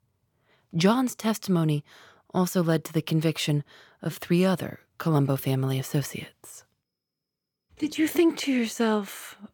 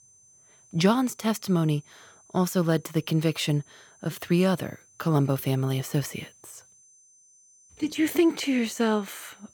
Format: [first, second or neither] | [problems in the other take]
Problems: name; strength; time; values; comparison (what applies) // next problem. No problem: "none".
first | high-pitched whine; faint; throughout; 6 kHz, 30 dB below the speech